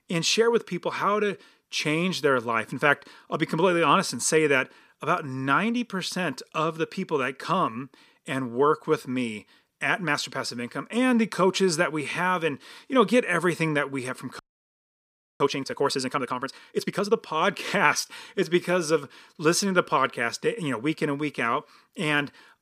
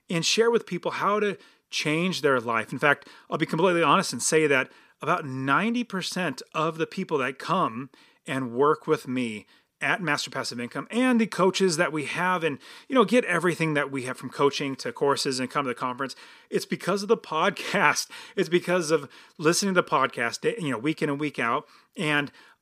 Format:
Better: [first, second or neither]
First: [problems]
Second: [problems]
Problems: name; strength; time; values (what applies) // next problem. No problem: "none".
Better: second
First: audio freezing; at 14 s for 1 s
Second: none